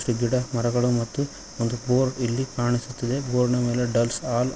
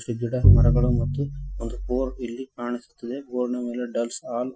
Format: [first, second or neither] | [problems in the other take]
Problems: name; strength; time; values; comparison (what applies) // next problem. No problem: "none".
first | noise reduction (classical method Wiener filter)